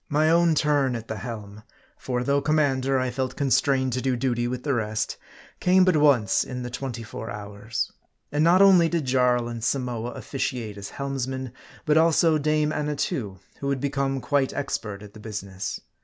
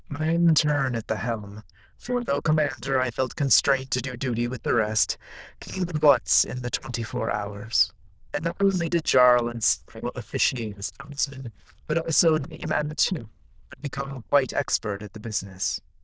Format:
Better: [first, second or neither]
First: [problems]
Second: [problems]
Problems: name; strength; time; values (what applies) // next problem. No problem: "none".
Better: first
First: none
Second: noise reduction (neural diffusion model UNIVERSE++)